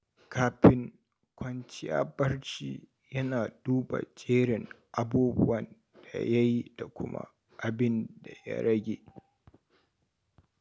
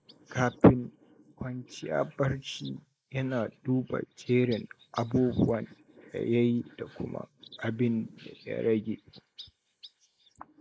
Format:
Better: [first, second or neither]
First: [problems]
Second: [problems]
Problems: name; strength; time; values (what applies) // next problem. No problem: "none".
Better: first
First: none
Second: noise reduction (neural mask model Resemble Enhance denoiser)